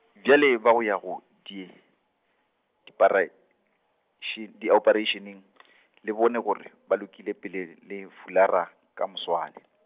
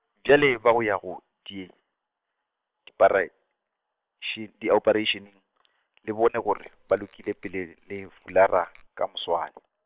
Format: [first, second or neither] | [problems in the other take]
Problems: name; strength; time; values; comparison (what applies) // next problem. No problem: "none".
first | noise reduction (neural separator model SepFormer WHAM!)